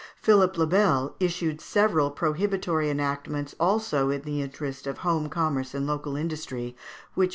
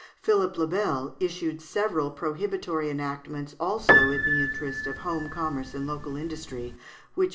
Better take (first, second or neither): first